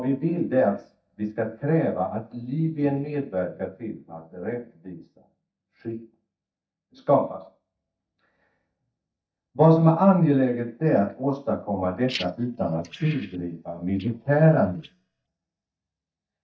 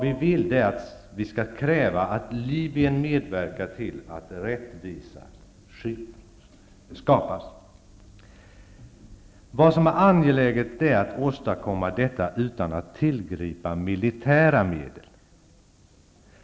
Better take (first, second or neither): second